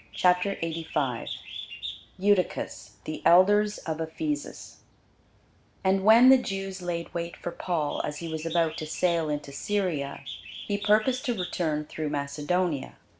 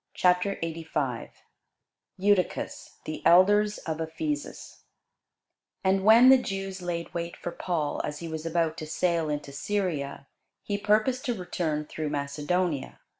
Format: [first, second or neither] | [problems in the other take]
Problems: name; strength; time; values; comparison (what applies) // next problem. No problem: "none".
second | background sound (Bird); 17 dB below the speech